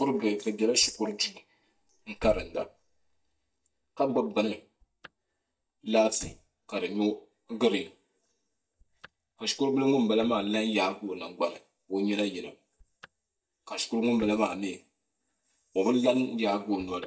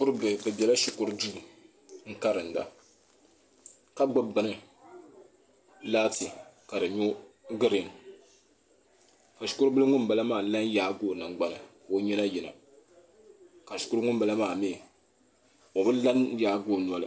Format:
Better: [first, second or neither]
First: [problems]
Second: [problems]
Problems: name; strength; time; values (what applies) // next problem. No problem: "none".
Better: second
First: noise reduction (neural mask model DeepFilterNet 3)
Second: none